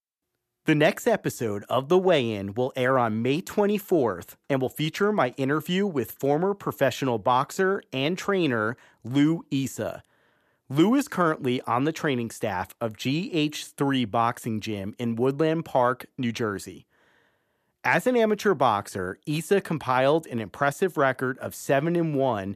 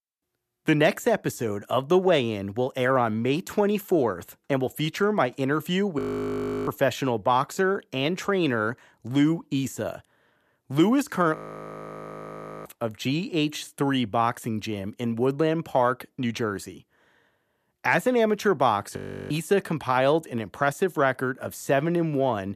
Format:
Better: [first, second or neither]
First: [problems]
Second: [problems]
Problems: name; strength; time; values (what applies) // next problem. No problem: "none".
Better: first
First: none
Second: audio freezing; at 6 s for 0.5 s, at 11 s for 1.5 s and at 19 s